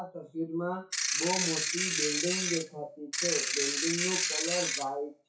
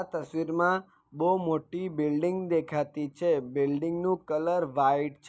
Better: second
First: noise reduction (classical method WPE with log-MMSE)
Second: none

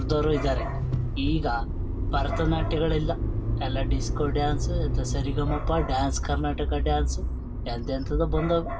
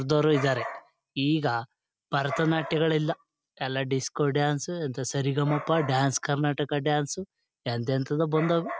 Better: second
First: background sound (Motor vehicle (road)); 2 dB above the speech // room echo; dies away in 0.2 s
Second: none

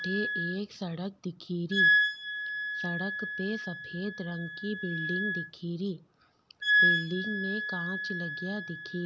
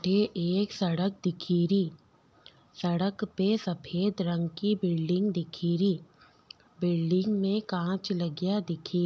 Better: second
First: background sound (Wind instrument, woodwind instrument); 4 dB above the speech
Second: none

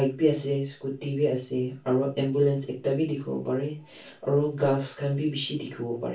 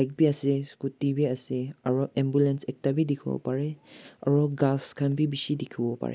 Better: second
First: room echo; dies away in 0.2 s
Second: none

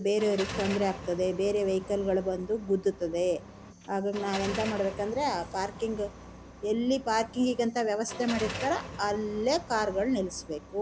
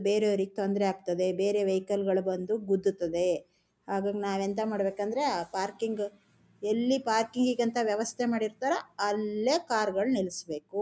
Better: second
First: background sound (Car); 12 dB below the speech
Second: none

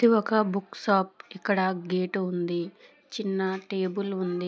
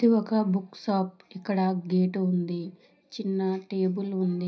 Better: first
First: none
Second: room echo; dies away in 0.4 s

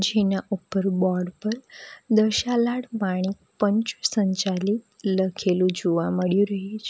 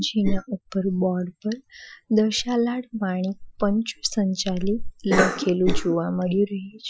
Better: first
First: none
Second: noise reduction (classical method Wiener filter)

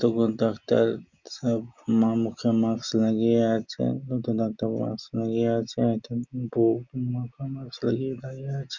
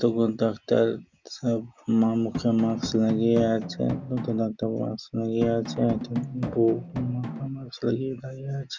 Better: first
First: none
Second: background sound (Drum); 9 dB below the speech

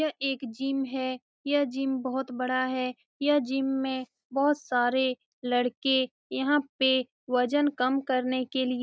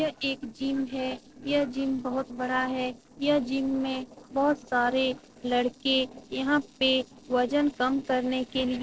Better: first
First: none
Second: noise reduction (neural separator model SepFormer DNS4)

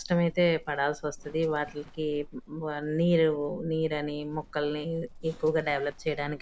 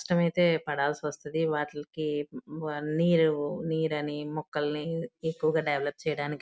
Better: second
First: background sound (Livestock, farm animals, working animals); 19 dB below the speech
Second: none

